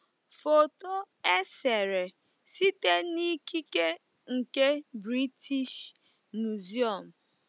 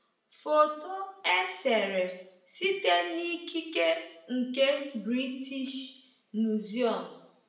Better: first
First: none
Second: room echo; dies away in 0.7 s

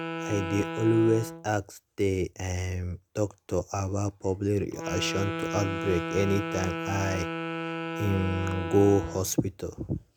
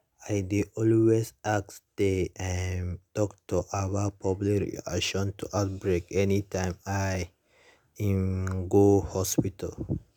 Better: second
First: background sound (Wind instrument, woodwind instrument); 7 dB below the speech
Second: none

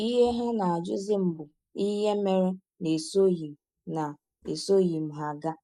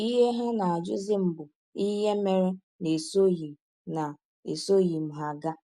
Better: second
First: noise reduction (neural mask model Resemble Enhance denoiser)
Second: none

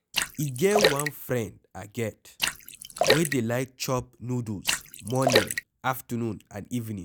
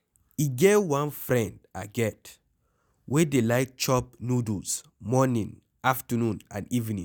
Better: second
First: background sound (Splash, splatter); as loud as the speech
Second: none

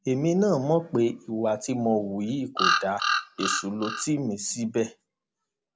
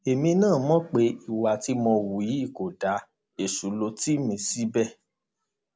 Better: second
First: background sound (Bird vocalization, bird call, bird song); as loud as the speech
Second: none

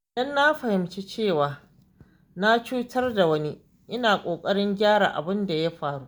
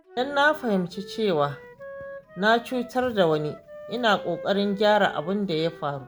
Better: first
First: none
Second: background sound (Wind instrument, woodwind instrument); 18 dB below the speech

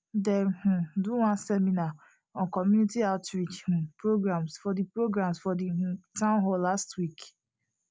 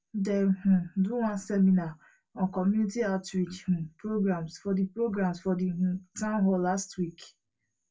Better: first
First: none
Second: room echo; dies away in 0.1 s

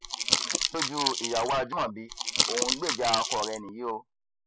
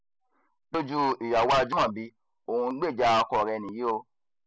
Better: second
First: background sound (Crumpling, crinkling); 2 dB above the speech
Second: none

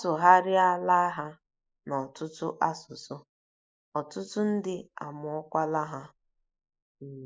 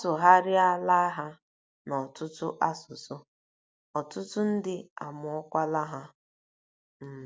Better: second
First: noise reduction (neural mask model Resemble Enhance denoiser)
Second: none

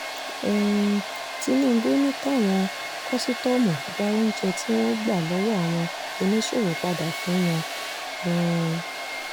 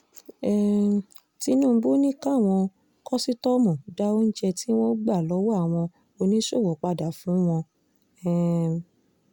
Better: second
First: background sound (Domestic sounds, home sounds); 8 dB below the speech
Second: none

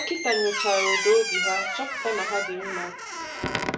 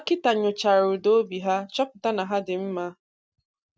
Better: second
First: background sound (Squeak); 1 dB below the speech // room echo; dies away in 0.4 s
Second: none

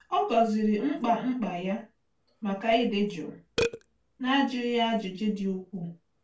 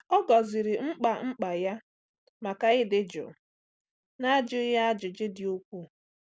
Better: second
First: background sound (Burping, eructation); 13 dB below the speech // room echo; dies away in 0.2 s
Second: none

